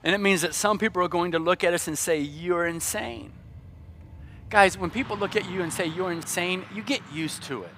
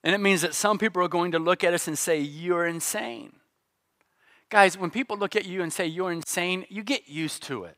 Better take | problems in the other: second | traffic noise; noticeable; throughout; 20 dB below the speech

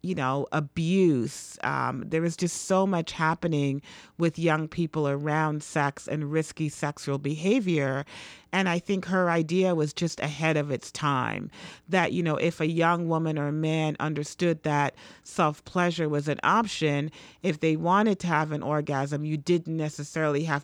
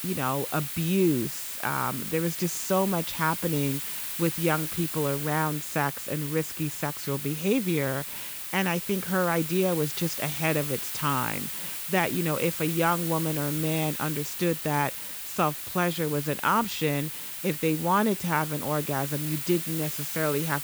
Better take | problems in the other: first | hiss; loud; throughout; 4 dB below the speech

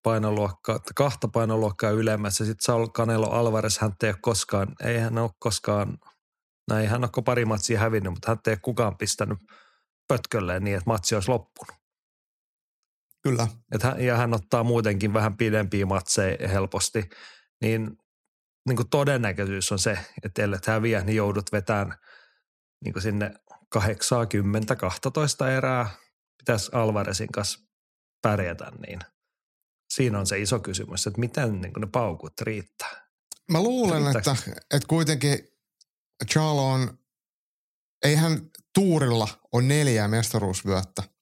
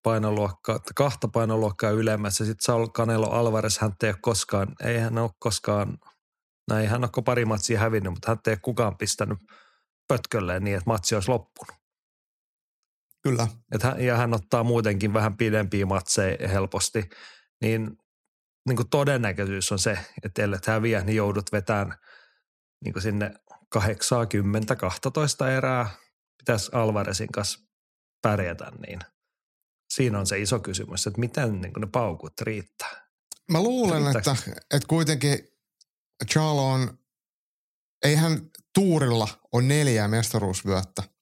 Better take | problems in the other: neither | none

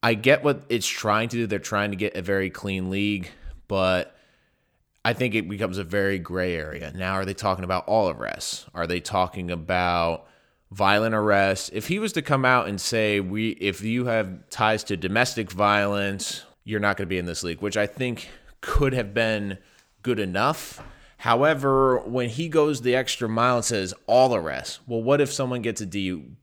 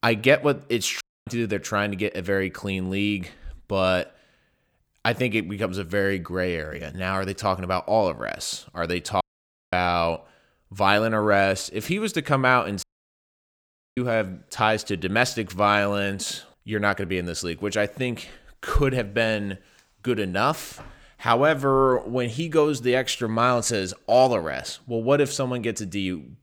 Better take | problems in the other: first | audio cutting out; at 1 s, at 9 s for 0.5 s and at 13 s for 1 s

